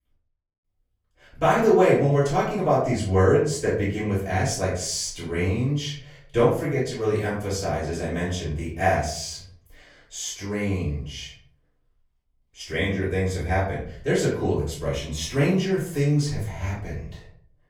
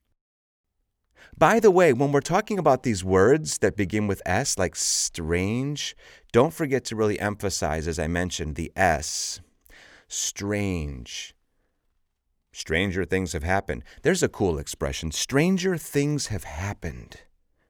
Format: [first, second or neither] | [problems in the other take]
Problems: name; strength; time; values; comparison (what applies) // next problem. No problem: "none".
second | off-mic speech; far // room echo; noticeable; dies away in 0.6 s